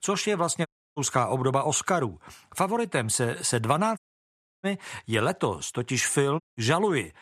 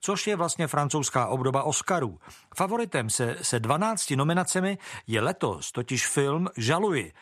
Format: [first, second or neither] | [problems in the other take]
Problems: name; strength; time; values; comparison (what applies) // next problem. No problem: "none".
second | audio cutting out; at 0.5 s, at 4 s for 0.5 s and at 6.5 s